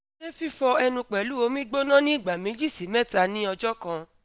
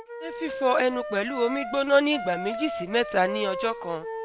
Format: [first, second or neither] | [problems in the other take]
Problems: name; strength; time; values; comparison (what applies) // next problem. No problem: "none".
first | background sound (Wind instrument, woodwind instrument); 8 dB below the speech